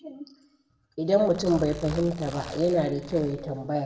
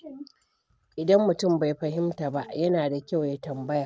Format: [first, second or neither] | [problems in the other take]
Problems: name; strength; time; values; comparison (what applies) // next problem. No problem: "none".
second | background sound (Zipper (clothing)); 15 dB below the speech // room echo; dies away in 0.7 s